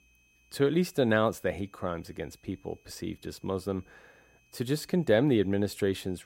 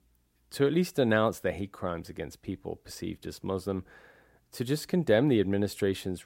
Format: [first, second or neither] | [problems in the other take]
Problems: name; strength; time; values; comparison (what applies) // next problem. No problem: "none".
second | high-pitched whine; faint; throughout; 2.5 kHz, 35 dB below the speech